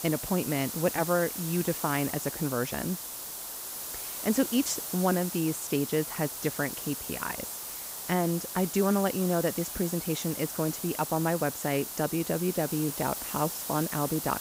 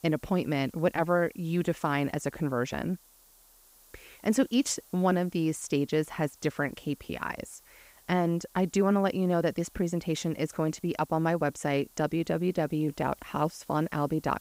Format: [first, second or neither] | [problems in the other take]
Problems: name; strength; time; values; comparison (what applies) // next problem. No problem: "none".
second | hiss; loud; throughout; 5 dB below the speech; faint in the second